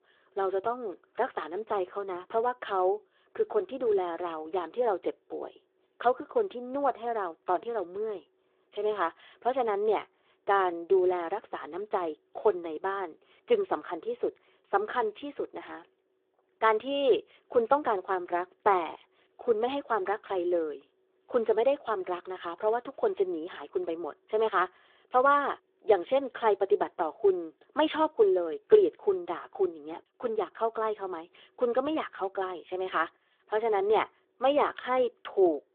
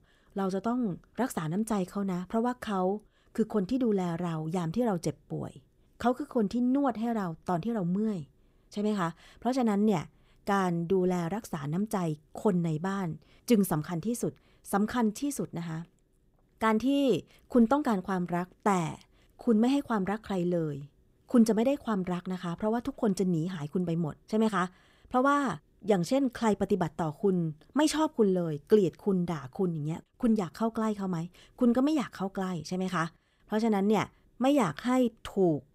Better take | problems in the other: second | phone-call audio

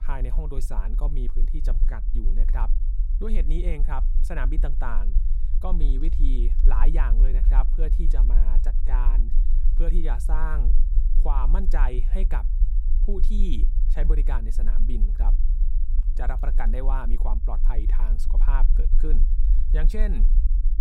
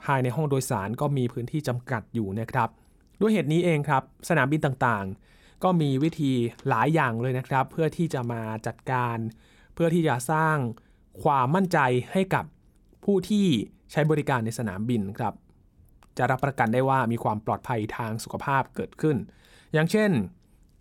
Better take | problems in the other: second | low rumble; noticeable; throughout; 10 dB below the speech

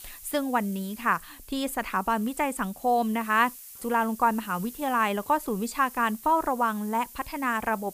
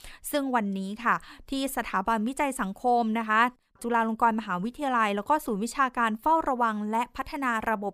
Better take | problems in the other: second | hiss; noticeable; throughout; 15 dB below the speech

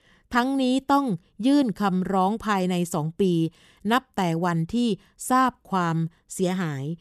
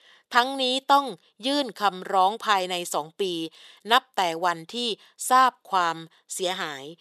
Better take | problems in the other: first | thin; very; fading below 600 Hz

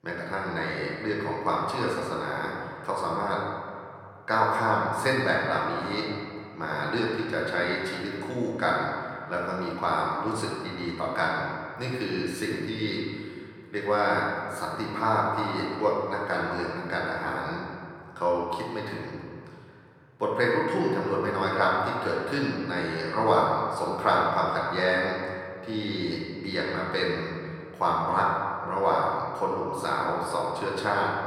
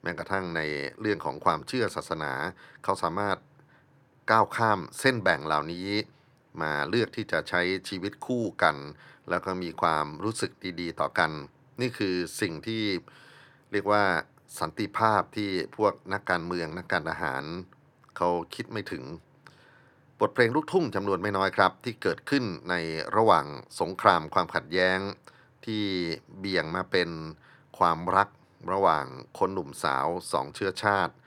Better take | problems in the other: second | room echo; noticeable; dies away in 2 s // off-mic speech; far

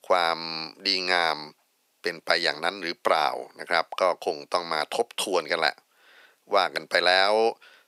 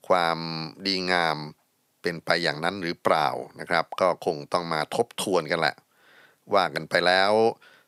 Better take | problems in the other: second | thin; somewhat; fading below 350 Hz

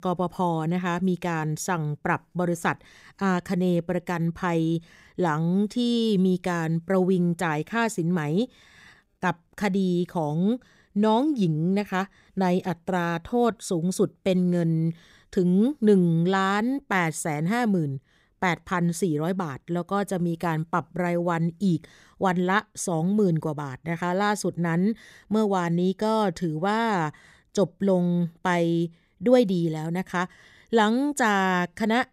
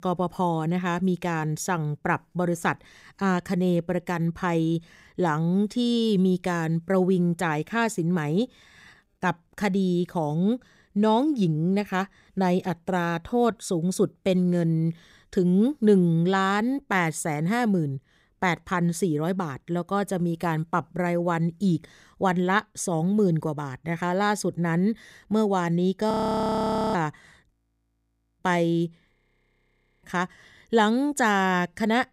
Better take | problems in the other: first | audio freezing; at 26 s for 1 s, at 28 s for 1 s and at 29 s for 1 s

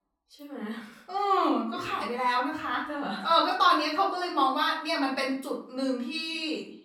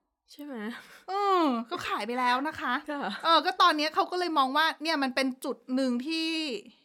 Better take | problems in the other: second | off-mic speech; far // room echo; slight; dies away in 0.4 s

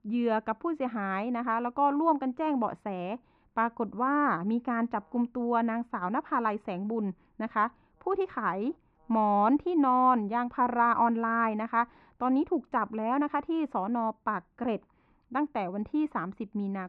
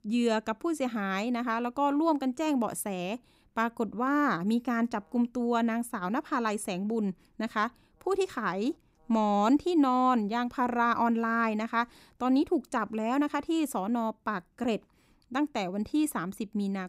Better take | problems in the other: second | muffled; very; fading above 2.5 kHz

